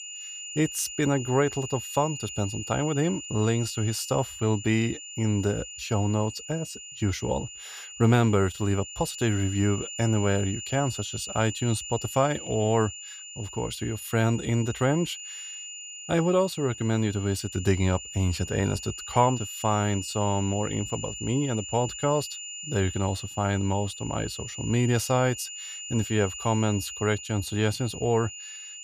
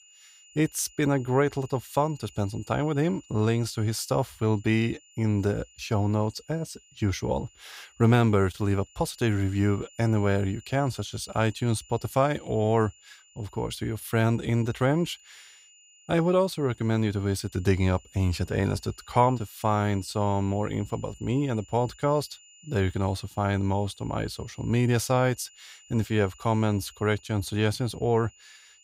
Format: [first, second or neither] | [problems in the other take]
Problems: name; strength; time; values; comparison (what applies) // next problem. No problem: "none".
second | high-pitched whine; loud; throughout; 7 kHz, 9 dB below the speech; faint in the second